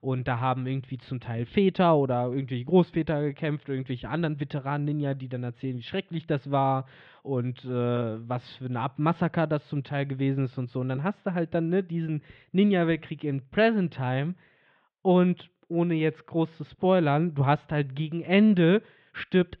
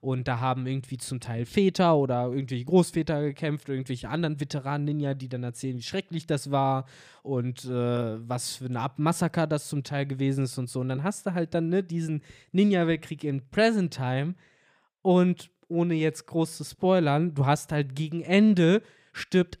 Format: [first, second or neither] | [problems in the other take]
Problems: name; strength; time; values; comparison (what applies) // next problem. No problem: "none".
second | muffled; very; fading above 3.5 kHz